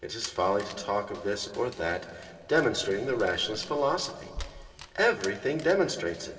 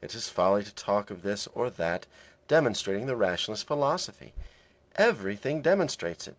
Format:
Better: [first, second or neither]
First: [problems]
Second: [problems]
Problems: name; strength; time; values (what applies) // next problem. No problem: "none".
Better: second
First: background sound (Dog); 20 dB below the speech // room echo; dies away in 2.2 s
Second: none